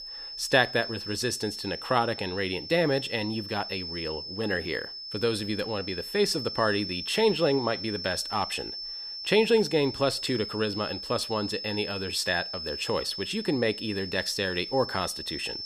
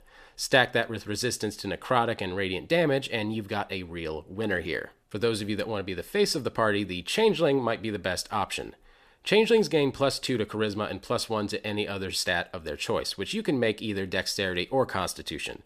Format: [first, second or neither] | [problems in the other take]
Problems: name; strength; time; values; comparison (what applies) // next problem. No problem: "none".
second | high-pitched whine; loud; throughout; 5.5 kHz, 7 dB below the speech